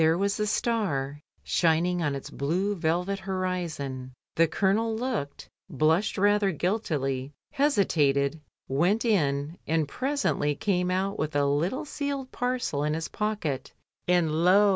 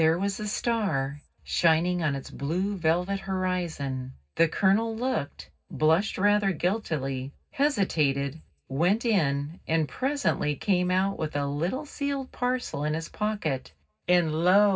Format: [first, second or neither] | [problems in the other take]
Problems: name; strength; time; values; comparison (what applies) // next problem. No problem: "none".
first | room echo; dies away in 0.4 s